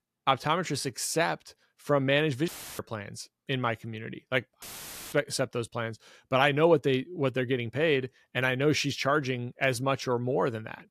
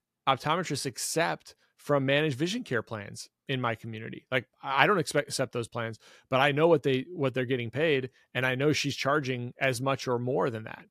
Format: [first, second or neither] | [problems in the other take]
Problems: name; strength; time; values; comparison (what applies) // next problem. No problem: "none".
second | audio cutting out; filled with static; at 2.5 s and at 4.5 s for 0.5 s